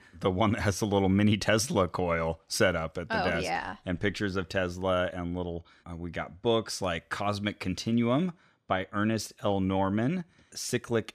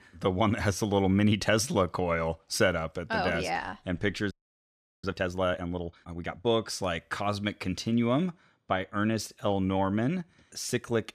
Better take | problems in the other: first | audio freezing; at 4.5 s for 0.5 s

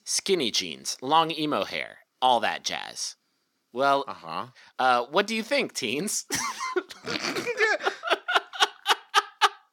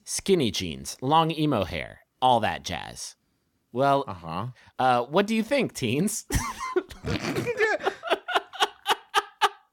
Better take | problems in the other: second | thin; very slightly; fading below 250 Hz

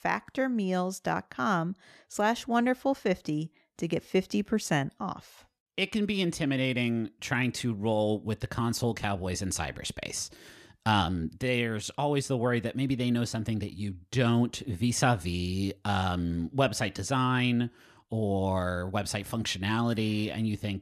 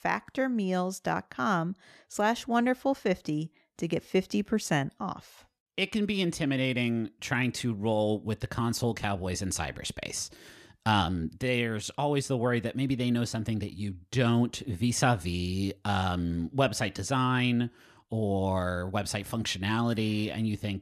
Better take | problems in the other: neither | none

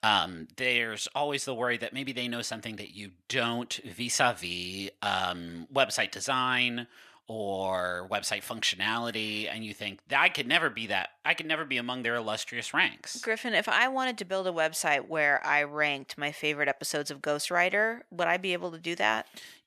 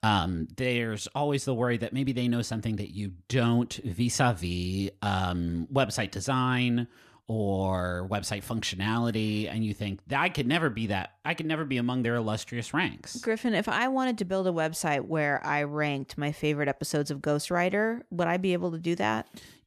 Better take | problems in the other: second | thin; somewhat; fading below 800 Hz

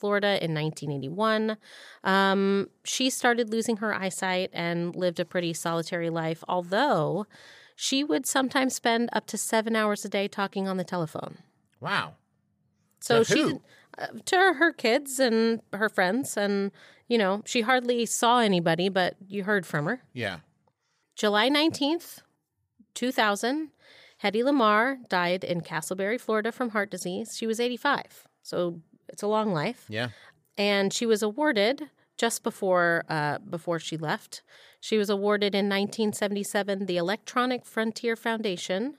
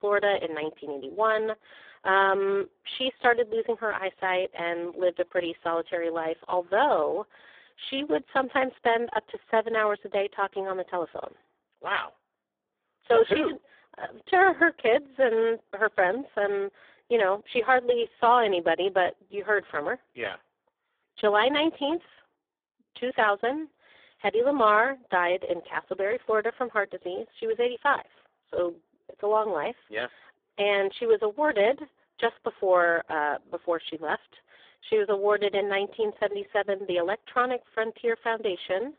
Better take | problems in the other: first | phone-call audio; poor line

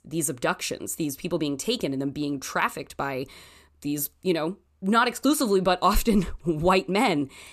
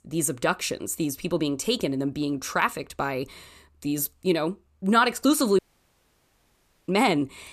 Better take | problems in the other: first | audio cutting out; at 5.5 s for 1.5 s

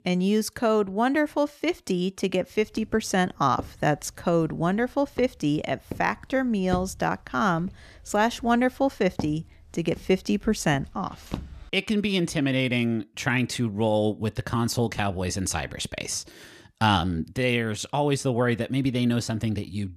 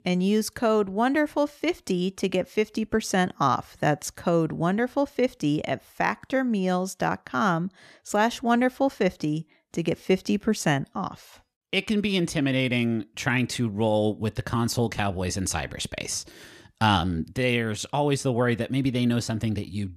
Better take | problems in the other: second | footsteps; noticeable; from 3 to 12 s; peak 10 dB below the speech

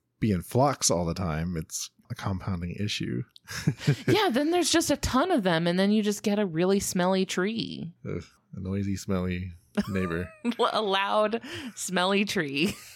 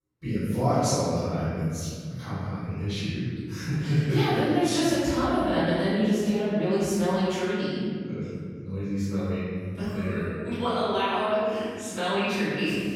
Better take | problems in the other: first | off-mic speech; far // room echo; strong; dies away in 2.1 s

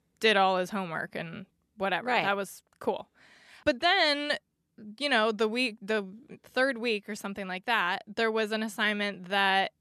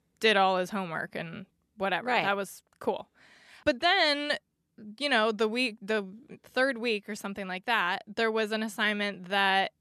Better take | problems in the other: neither | none

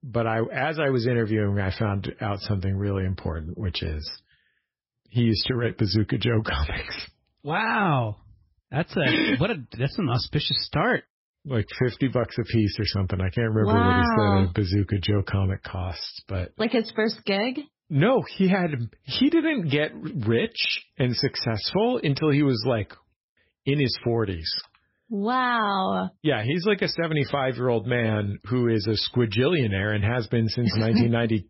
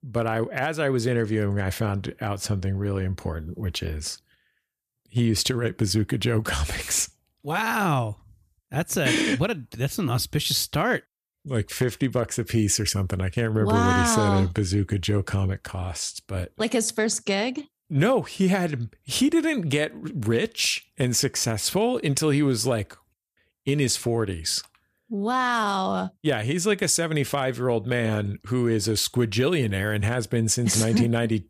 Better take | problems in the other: second | garbled, watery; badly; nothing above 5.5 kHz

